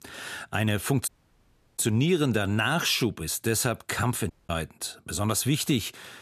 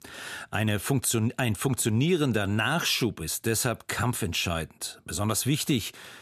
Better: second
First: audio cutting out; at 1 s for 0.5 s and at 4.5 s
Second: none

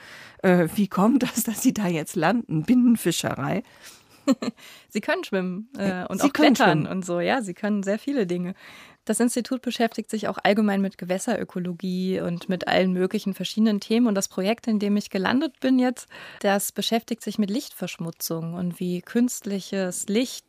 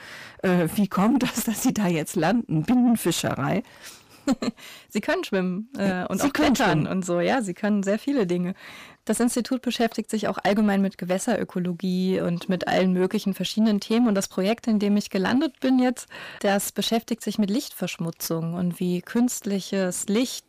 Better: first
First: none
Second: distortion; slight; 10 dB below the speech

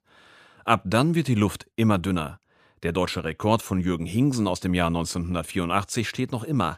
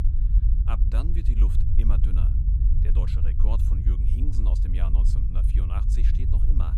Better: first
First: none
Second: low rumble; loud; throughout; as loud as the speech

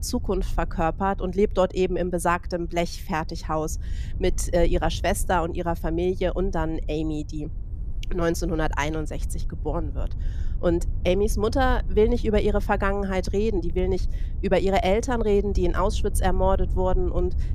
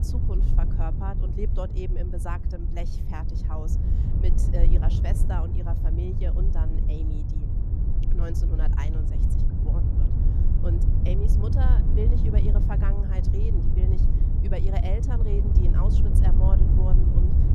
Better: first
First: wind noise on the microphone; occasional gusts; 25 dB below the speech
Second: wind noise on the microphone; heavy; 1 dB below the speech

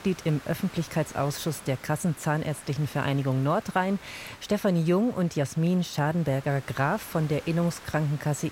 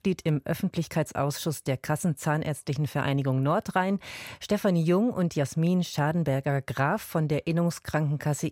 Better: second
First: hiss; noticeable; throughout; 20 dB below the speech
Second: none

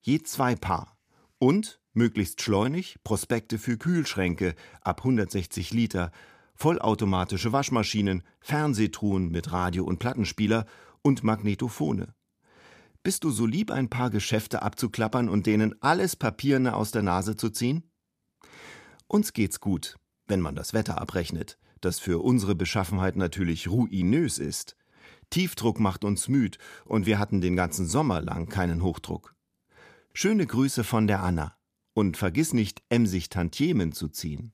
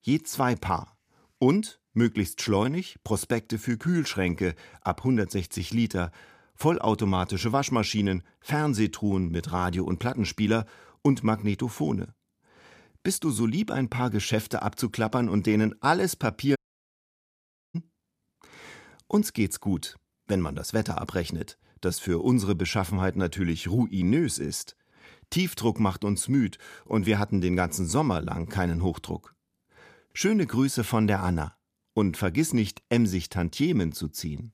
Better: first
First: none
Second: audio cutting out; at 17 s for 1 s

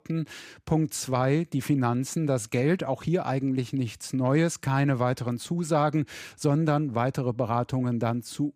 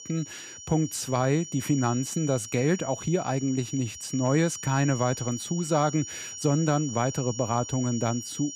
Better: first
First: none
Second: high-pitched whine; noticeable; throughout; 5.5 kHz, 10 dB below the speech

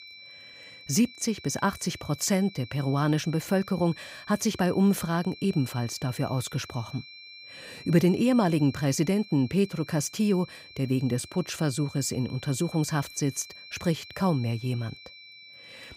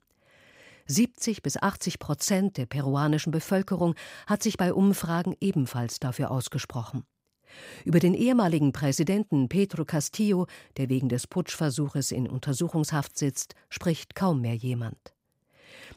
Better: second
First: high-pitched whine; noticeable; throughout; 2.5 kHz, 20 dB below the speech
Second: none

